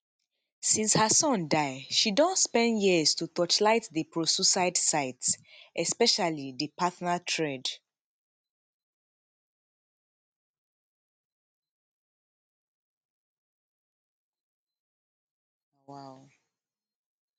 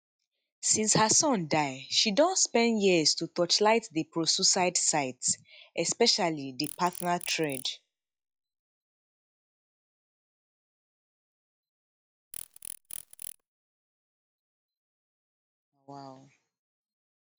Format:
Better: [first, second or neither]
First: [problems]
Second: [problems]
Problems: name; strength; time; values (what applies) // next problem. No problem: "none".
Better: first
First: none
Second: noise reduction (classical method log-MMSE)